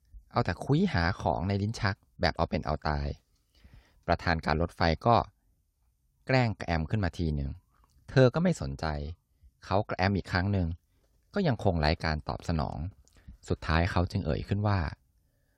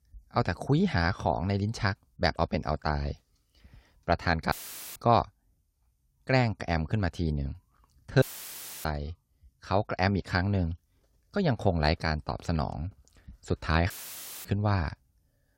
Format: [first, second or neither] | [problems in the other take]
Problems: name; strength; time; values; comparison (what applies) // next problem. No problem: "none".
first | audio cutting out; filled with static; at 4.5 s, at 8 s for 0.5 s and at 14 s for 0.5 s